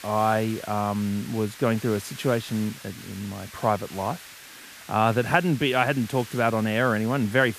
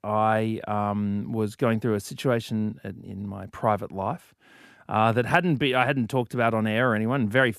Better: second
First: hiss; noticeable; throughout; 15 dB below the speech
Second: none

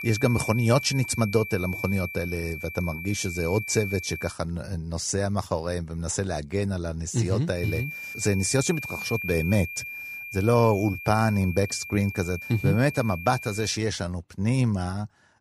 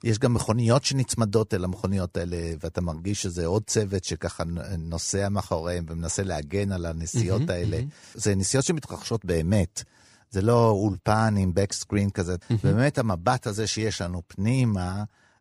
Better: second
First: high-pitched whine; loud; until 4.5 s and from 7.5 to 14 s; 2.5 kHz, 8 dB below the speech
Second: none

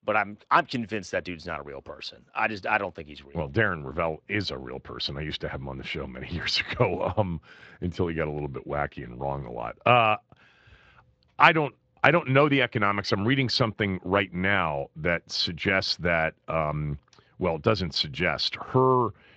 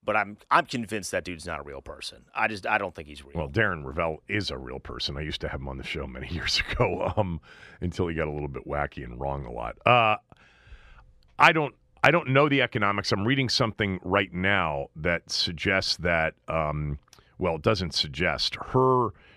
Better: second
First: garbled, watery; slightly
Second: none

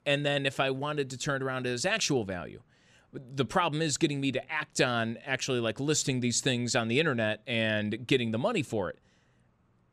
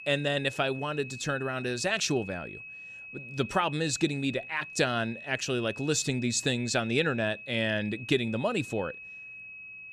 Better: first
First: none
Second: high-pitched whine; noticeable; throughout; 2.5 kHz, 10 dB below the speech

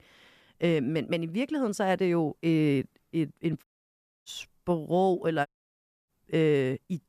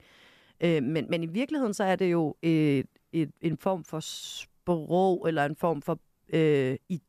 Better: second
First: audio cutting out; at 3.5 s for 0.5 s and at 5.5 s for 0.5 s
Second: none

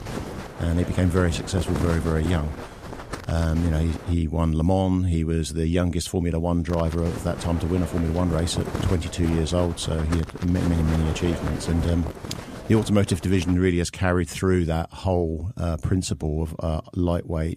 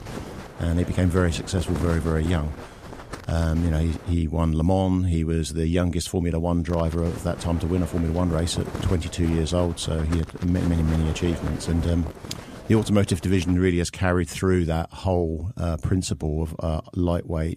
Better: second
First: wind noise on the microphone; heavy; until 4 s and from 6.5 to 14 s; 7 dB below the speech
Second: wind noise on the microphone; occasional gusts; until 4 s and from 6.5 to 14 s; 10 dB below the speech

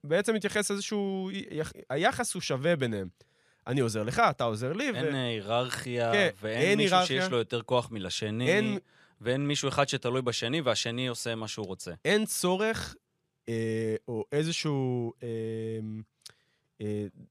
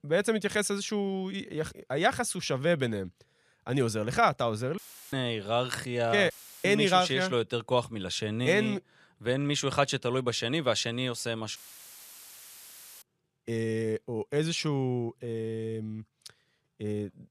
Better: first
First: none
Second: audio cutting out; filled with static; at 5 s, at 6.5 s and at 12 s for 1.5 s

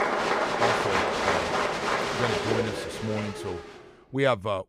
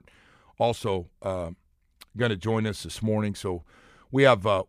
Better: second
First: crowd noise; very loud; until 3.5 s; 5 dB above the speech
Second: none

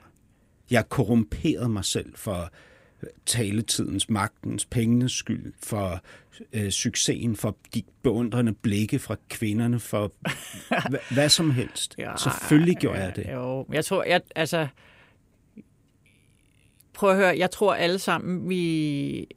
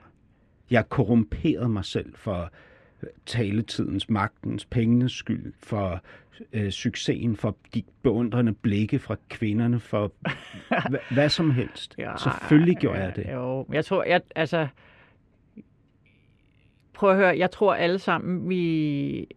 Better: first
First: none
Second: muffled; slightly; fading above 3 kHz

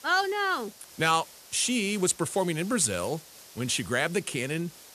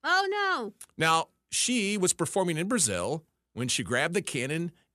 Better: second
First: hiss; noticeable; throughout; 20 dB below the speech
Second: none

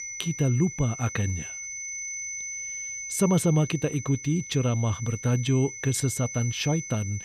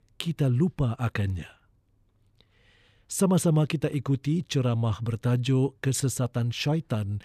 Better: second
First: high-pitched whine; loud; throughout; 6 kHz, 8 dB below the speech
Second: none

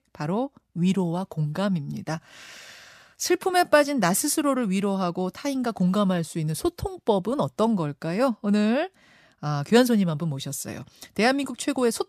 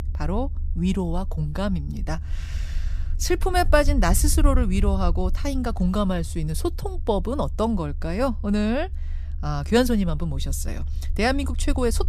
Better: first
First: none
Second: low rumble; faint; throughout; 20 dB below the speech

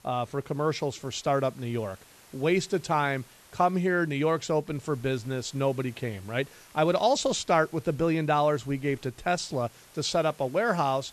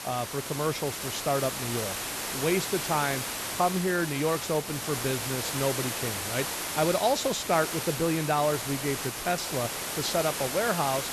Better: first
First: hiss; faint; throughout; 25 dB below the speech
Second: hiss; loud; throughout; 2 dB below the speech

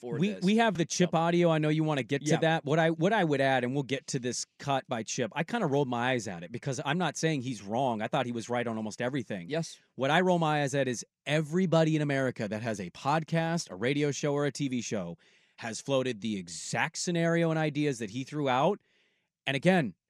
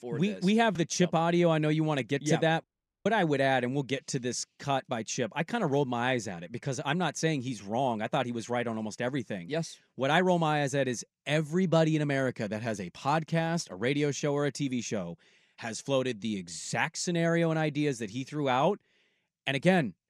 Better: first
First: none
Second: audio cutting out; at 2.5 s

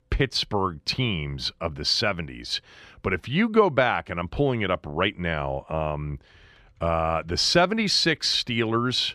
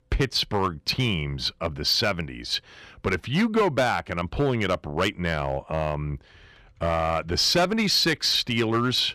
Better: first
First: none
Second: distortion; slight; 5% of the sound clipped

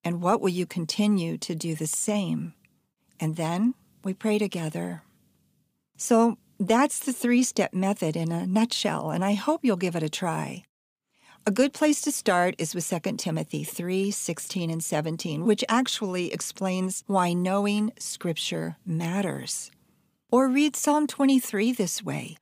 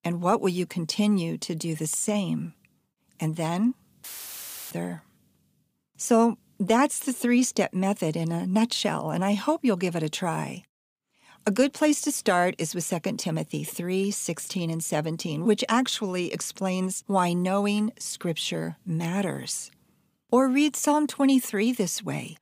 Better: first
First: none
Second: audio cutting out; filled with static; at 4 s for 0.5 s

